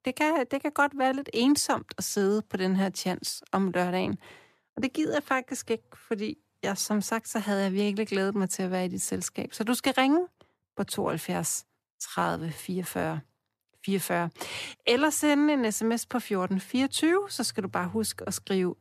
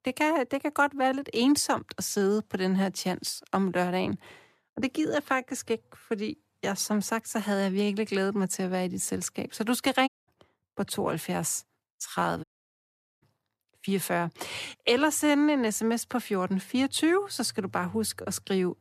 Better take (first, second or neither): first